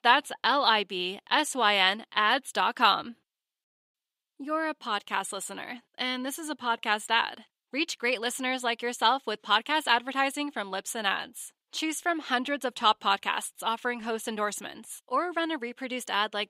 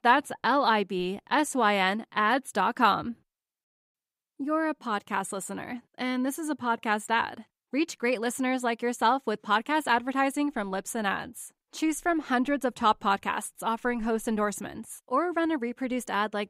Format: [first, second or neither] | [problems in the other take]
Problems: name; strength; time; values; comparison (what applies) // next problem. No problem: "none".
second | thin; very slightly; fading below 500 Hz